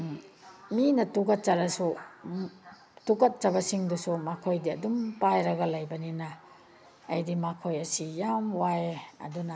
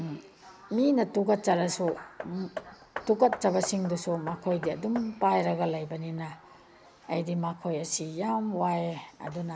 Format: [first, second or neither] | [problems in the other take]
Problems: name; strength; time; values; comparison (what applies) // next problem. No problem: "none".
first | background sound (Hammer); 16 dB below the speech